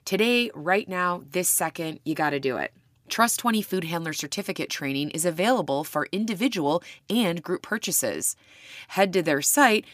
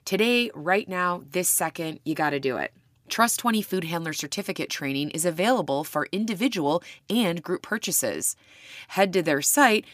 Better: neither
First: none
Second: none

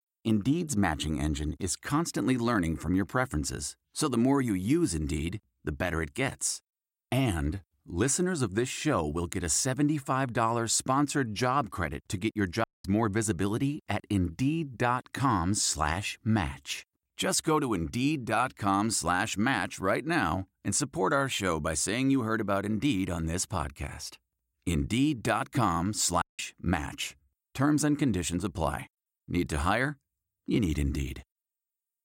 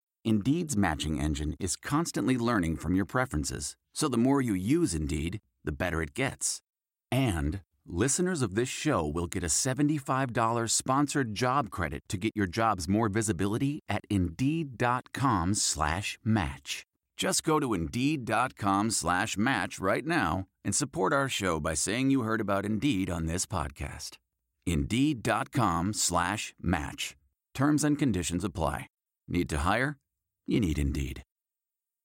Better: second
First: audio cutting out; at 13 s and at 26 s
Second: none

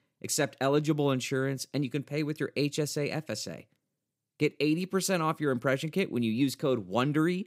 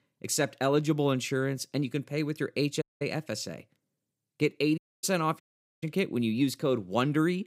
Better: first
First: none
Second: audio cutting out; at 3 s, at 5 s and at 5.5 s

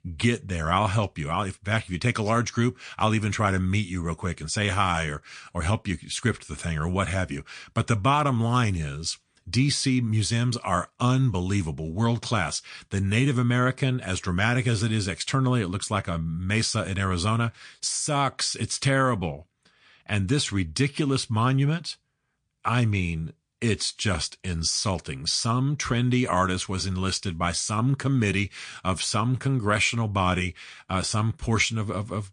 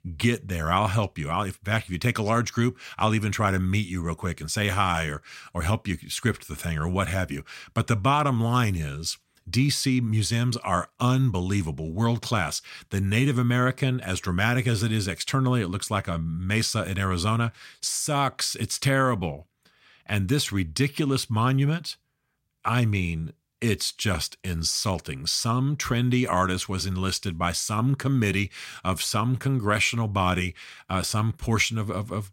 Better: second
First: garbled, watery; slightly; nothing above 9 kHz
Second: none

